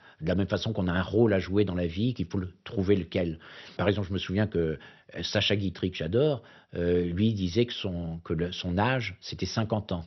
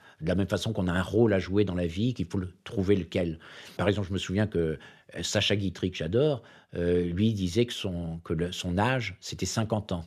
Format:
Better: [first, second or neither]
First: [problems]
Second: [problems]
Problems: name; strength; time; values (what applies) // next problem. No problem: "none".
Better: second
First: garbled, watery; slightly; nothing above 6 kHz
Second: none